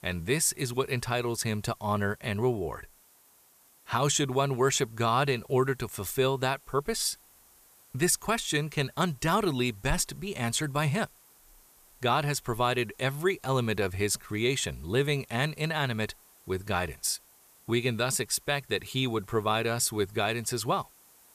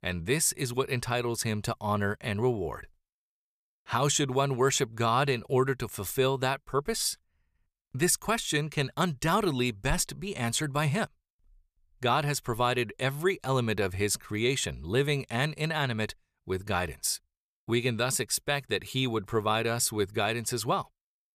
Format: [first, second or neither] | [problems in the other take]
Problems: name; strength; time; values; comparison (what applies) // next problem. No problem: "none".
second | hiss; faint; throughout; 25 dB below the speech